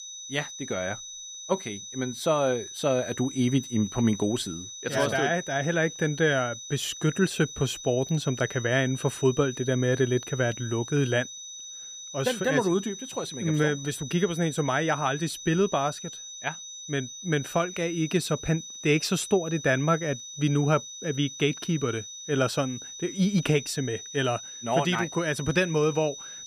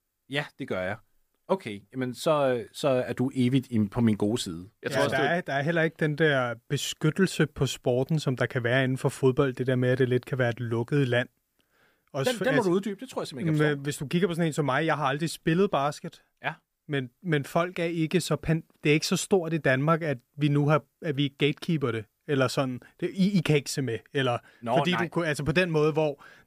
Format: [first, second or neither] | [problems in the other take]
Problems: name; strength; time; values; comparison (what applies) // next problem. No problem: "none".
second | high-pitched whine; noticeable; throughout; 6 kHz, 10 dB below the speech